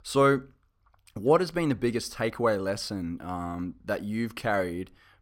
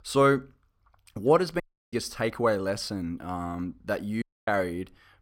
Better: first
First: none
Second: audio cutting out; at 1.5 s and at 4 s

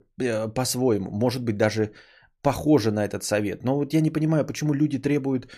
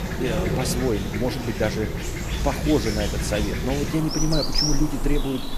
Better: first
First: none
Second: animal sounds; loud; throughout; 1 dB below the speech

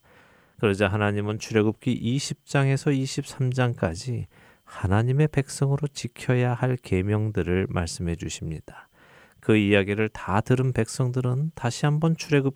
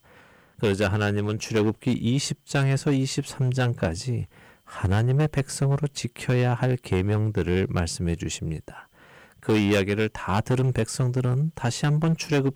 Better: first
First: none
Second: distortion; slight; 8% of the sound clipped

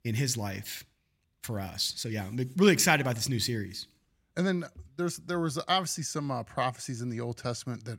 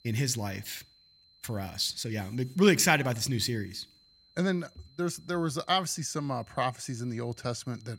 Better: first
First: none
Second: high-pitched whine; faint; throughout; 4 kHz, 30 dB below the speech

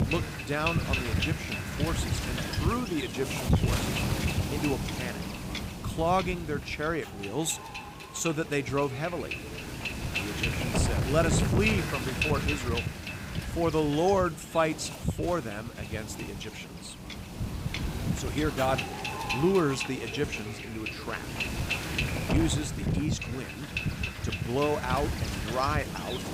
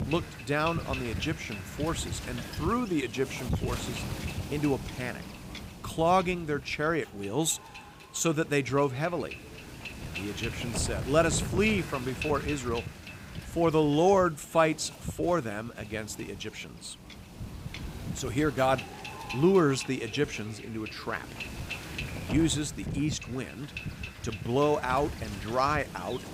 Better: second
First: wind noise on the microphone; heavy; 3 dB below the speech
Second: wind noise on the microphone; occasional gusts; 10 dB below the speech

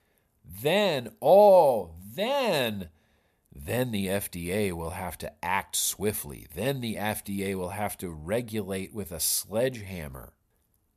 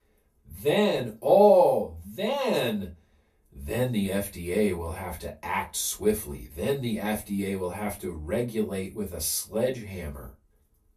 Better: first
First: none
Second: off-mic speech; far // room echo; very slight; dies away in 0.2 s

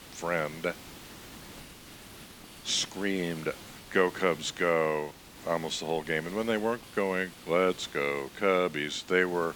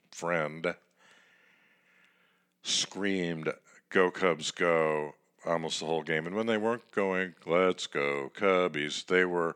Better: second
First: hiss; noticeable; throughout; 15 dB below the speech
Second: none

